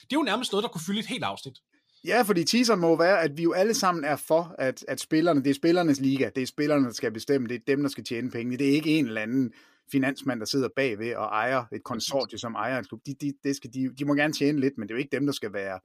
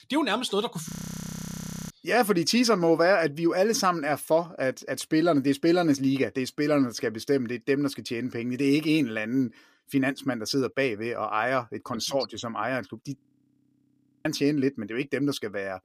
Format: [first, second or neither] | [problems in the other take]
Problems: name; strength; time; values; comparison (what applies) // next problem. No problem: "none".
first | audio freezing; at 1 s for 1 s and at 13 s for 1 s